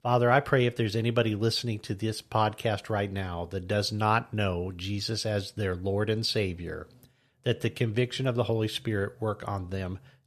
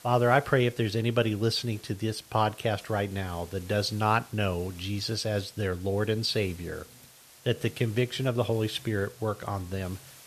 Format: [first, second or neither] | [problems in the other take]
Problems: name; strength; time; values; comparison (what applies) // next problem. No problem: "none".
first | hiss; faint; throughout; 20 dB below the speech